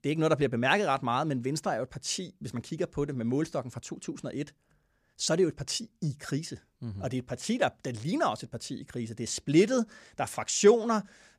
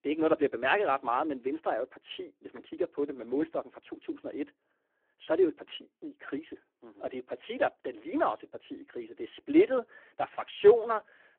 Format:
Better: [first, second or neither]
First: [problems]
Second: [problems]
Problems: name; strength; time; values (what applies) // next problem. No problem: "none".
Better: first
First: none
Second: phone-call audio; poor line